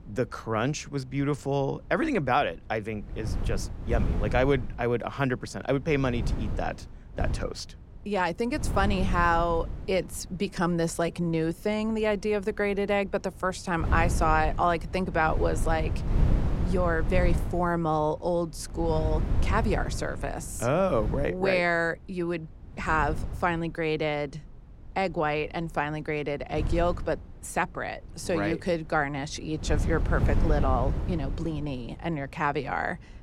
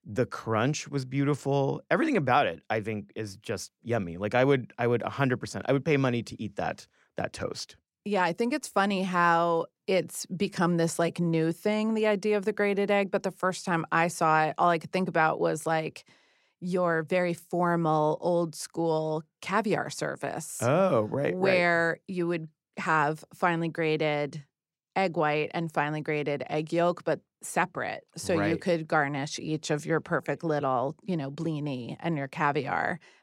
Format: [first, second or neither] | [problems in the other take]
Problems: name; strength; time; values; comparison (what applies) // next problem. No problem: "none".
second | wind noise on the microphone; occasional gusts; 15 dB below the speech